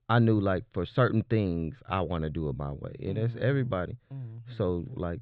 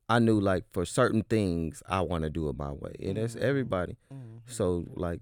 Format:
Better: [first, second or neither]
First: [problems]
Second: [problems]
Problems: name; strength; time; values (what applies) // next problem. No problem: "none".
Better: second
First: muffled; slightly; fading above 3.5 kHz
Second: none